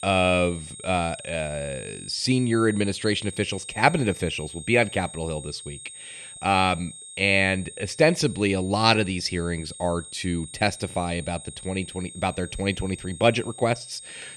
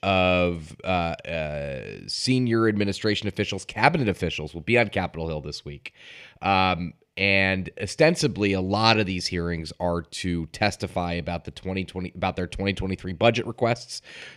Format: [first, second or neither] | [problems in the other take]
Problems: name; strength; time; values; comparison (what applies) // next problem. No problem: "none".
second | high-pitched whine; noticeable; throughout; 8.5 kHz, 15 dB below the speech